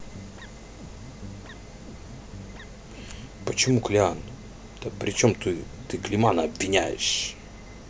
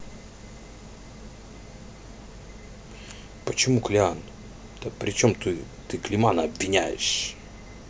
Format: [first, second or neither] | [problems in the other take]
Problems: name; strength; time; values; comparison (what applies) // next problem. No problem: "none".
second | background sound (Guitar); 17 dB below the speech